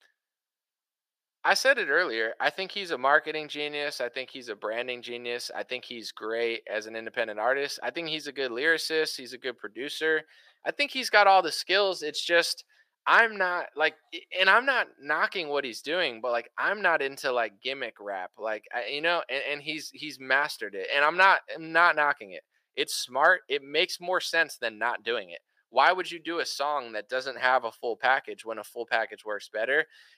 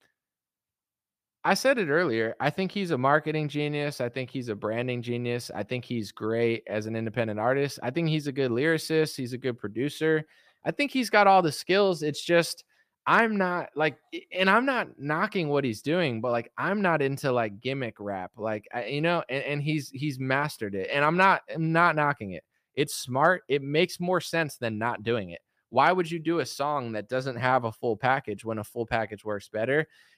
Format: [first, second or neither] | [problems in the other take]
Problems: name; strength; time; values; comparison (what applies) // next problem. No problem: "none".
second | thin; very; fading below 550 Hz